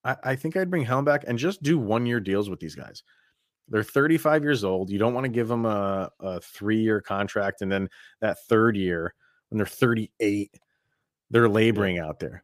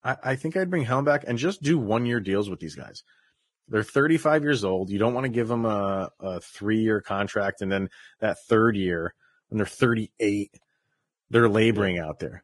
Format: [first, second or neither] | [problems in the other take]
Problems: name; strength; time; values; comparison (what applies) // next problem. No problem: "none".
first | garbled, watery; badly; nothing above 11.5 kHz